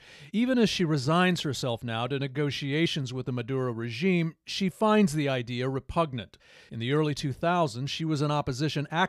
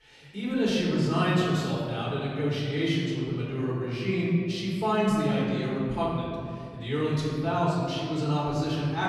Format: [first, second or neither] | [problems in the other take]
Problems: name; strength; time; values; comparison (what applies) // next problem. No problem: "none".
first | off-mic speech; far // room echo; noticeable; dies away in 2.2 s